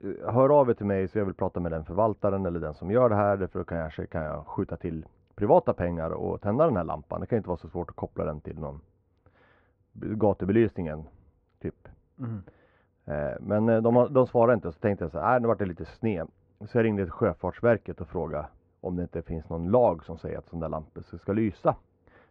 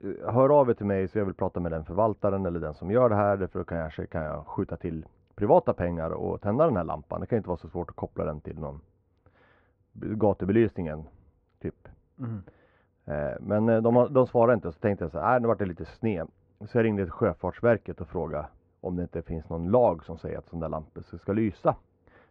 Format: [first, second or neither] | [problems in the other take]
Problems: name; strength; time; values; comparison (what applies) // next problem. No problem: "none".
neither | muffled; very; fading above 4 kHz; the same in both